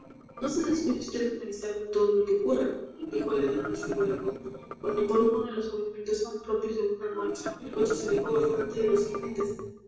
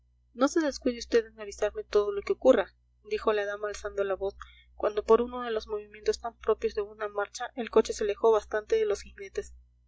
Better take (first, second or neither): second